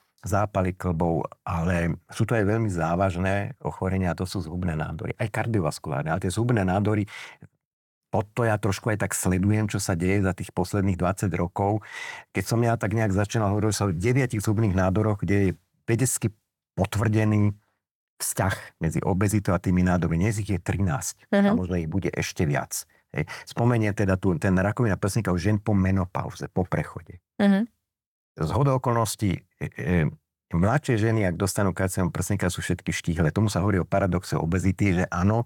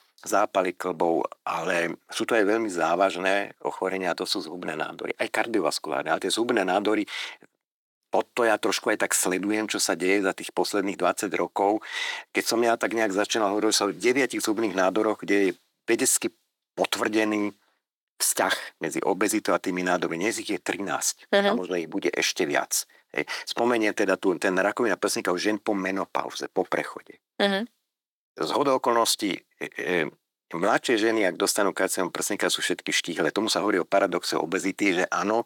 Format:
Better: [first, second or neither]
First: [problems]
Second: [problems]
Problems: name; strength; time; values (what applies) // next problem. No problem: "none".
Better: first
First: none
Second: thin; somewhat; fading below 300 Hz